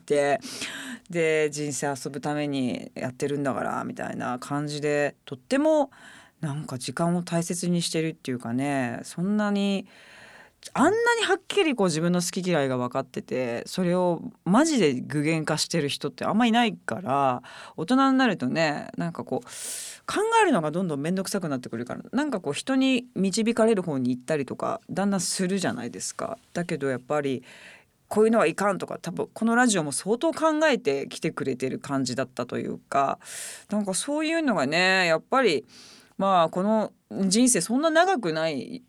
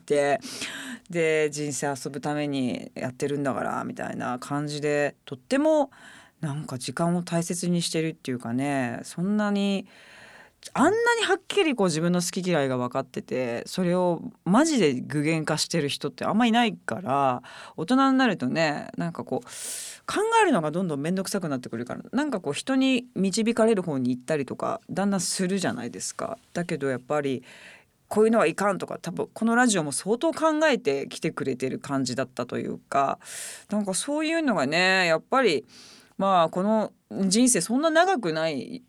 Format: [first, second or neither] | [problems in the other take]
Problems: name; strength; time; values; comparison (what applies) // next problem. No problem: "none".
neither | none